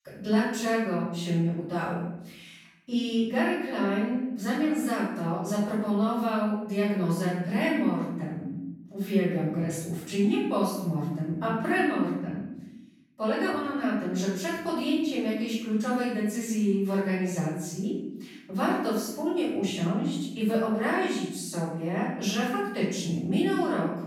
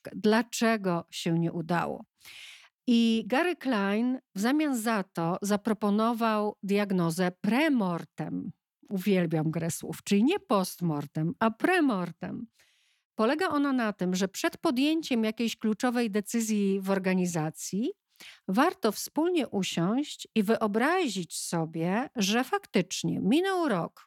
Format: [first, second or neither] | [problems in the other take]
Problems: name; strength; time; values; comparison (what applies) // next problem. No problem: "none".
second | room echo; strong; dies away in 0.8 s // off-mic speech; far